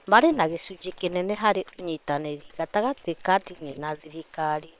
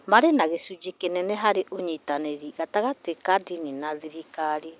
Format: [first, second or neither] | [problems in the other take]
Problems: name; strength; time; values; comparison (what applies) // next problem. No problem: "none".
second | noise reduction (neural separator model SepFormer WHAM!)